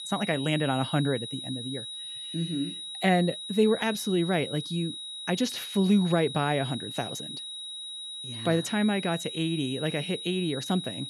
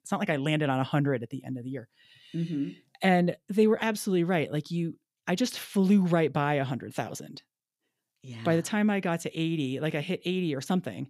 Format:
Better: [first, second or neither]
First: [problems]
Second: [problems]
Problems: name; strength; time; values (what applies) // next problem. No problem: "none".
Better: second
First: high-pitched whine; loud; throughout; 4 kHz, 8 dB below the speech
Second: none